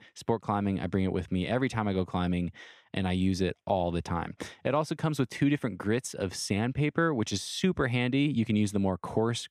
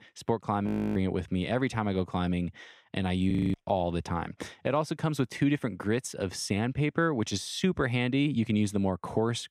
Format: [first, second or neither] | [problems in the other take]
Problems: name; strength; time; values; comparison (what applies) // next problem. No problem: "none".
first | audio freezing; at 0.5 s and at 3.5 s